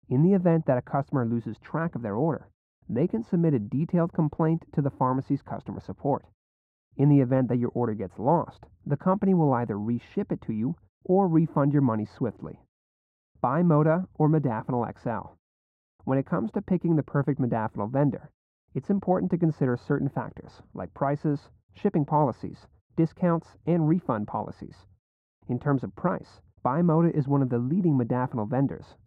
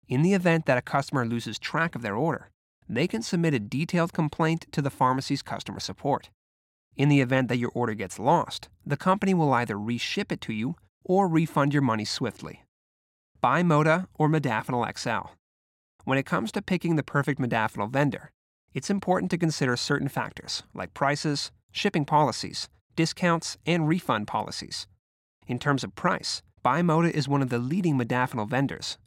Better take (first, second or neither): second